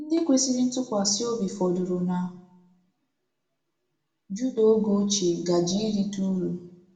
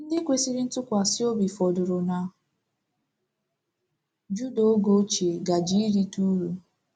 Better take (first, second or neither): second